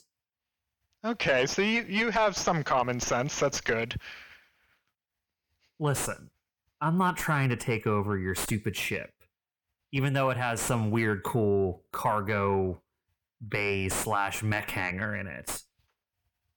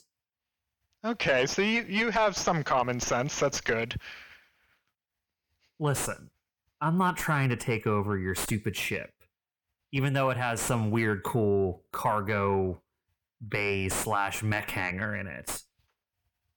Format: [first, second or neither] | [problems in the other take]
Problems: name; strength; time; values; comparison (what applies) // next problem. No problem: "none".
neither | distortion; slight; 8 dB below the speech; the same in both